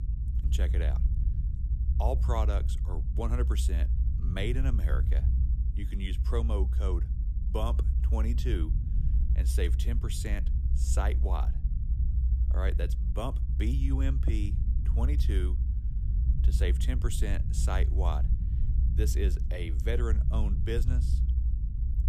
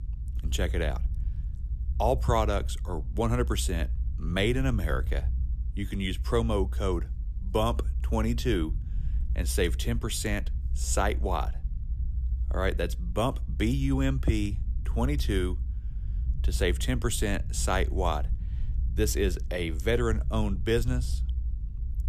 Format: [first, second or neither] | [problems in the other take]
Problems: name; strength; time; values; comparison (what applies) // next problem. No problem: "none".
second | low rumble; loud; throughout; 8 dB below the speech; faint in the second